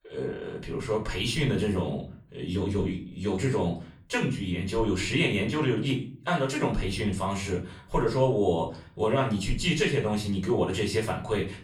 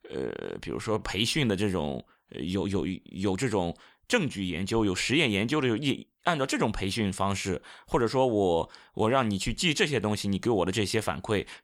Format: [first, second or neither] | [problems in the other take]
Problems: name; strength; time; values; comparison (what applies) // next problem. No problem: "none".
second | off-mic speech; far // room echo; slight; dies away in 0.5 s